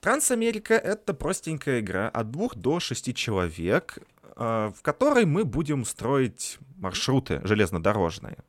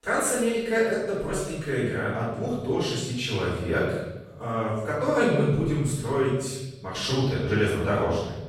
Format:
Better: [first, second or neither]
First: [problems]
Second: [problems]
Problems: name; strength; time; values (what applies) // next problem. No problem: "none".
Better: first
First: none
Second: off-mic speech; far // room echo; strong; dies away in 1 s